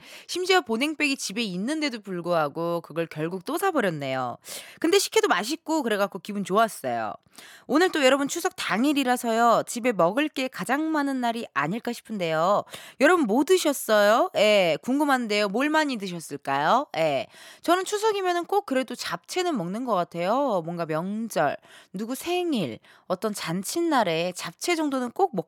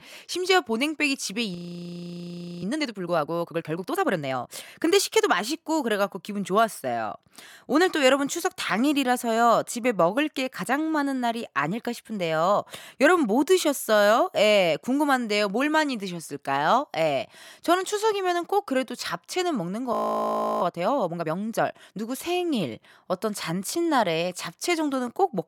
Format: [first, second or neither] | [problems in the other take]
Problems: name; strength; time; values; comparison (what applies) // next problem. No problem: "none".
first | audio freezing; at 1.5 s for 1 s and at 20 s for 0.5 s